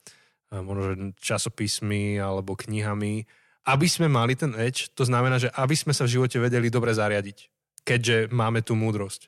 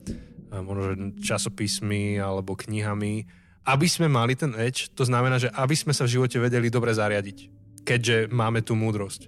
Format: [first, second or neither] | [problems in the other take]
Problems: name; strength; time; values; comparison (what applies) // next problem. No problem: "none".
first | low rumble; faint; throughout; 25 dB below the speech